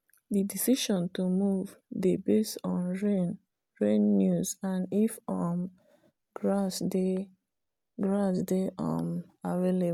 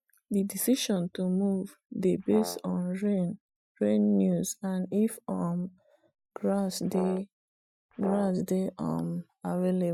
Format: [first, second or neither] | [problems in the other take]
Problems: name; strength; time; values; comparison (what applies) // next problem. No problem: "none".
first | noise reduction (classical method Wiener filter)